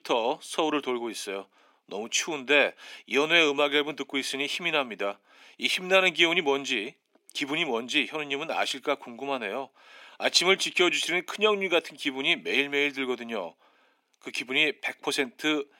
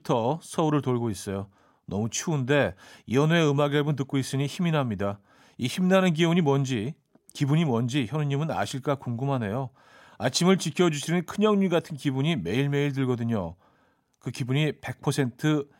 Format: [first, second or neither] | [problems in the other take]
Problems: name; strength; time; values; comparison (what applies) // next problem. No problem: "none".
second | thin; somewhat; fading below 300 Hz